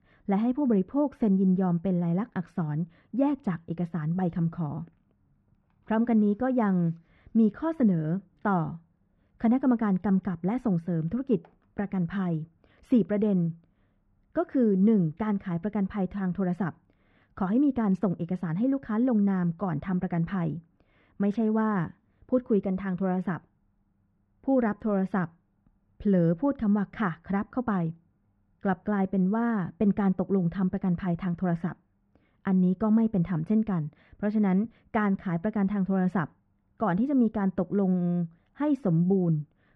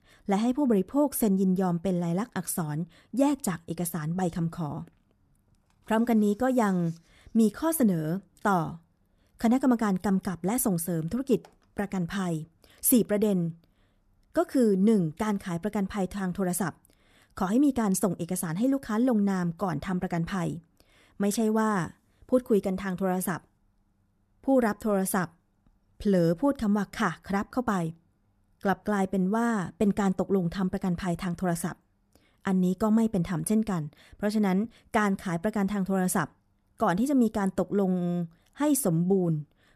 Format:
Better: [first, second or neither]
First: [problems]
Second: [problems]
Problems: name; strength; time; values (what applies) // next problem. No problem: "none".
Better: second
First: muffled; very; fading above 2.5 kHz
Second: none